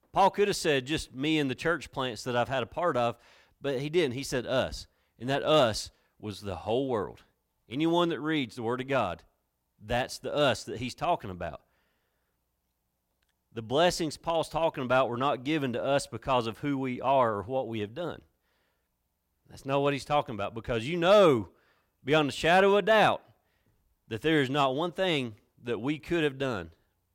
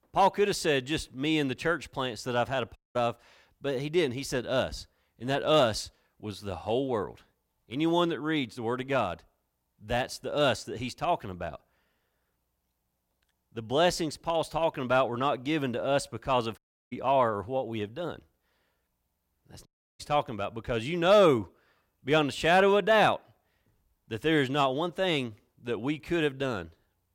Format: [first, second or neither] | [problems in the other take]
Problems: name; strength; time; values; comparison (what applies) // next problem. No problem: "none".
first | audio cutting out; at 3 s, at 17 s and at 20 s